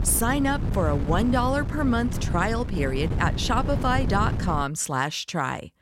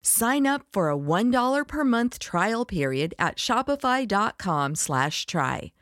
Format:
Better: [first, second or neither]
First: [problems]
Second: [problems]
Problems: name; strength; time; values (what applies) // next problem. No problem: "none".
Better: second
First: wind noise on the microphone; occasional gusts; until 4.5 s; 10 dB below the speech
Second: none